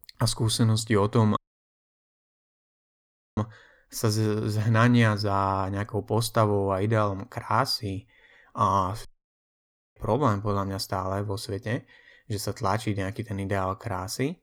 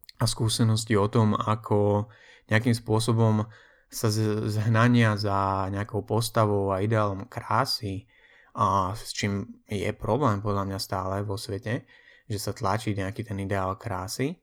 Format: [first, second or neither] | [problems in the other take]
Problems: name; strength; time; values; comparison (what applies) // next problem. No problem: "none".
second | audio cutting out; at 1.5 s for 2 s and at 9 s for 1 s